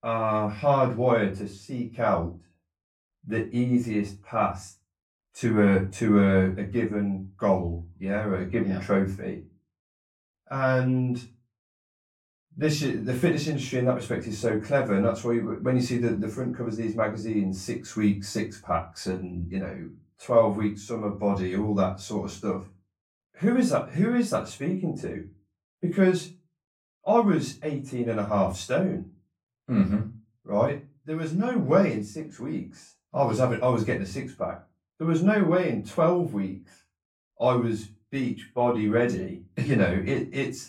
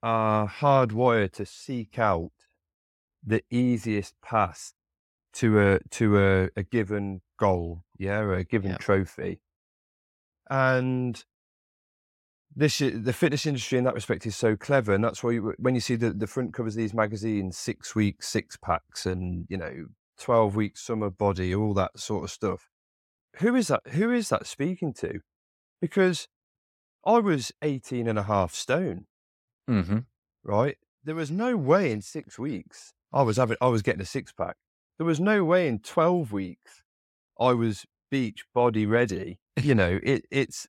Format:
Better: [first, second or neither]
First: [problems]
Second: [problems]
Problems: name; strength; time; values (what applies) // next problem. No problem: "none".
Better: second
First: off-mic speech; far // room echo; slight; dies away in 0.2 s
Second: none